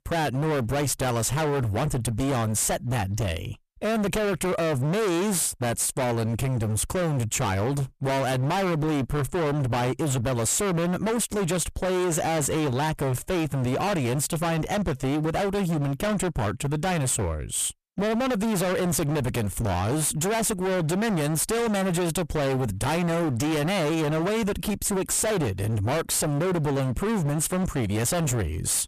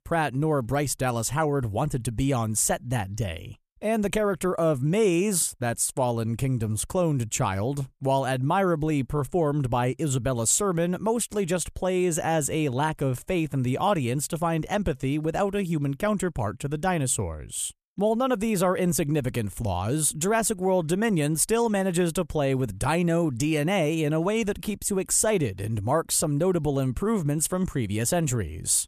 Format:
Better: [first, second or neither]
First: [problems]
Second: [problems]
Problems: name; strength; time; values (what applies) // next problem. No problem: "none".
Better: second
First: distortion; heavy; 44% of the sound clipped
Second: none